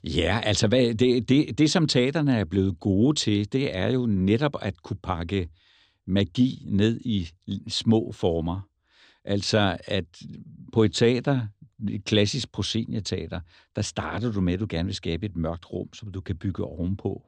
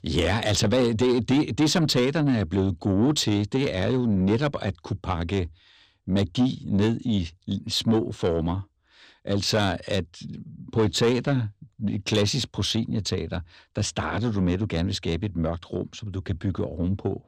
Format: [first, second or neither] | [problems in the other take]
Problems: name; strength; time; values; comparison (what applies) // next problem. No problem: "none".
first | distortion; slight; 10 dB below the speech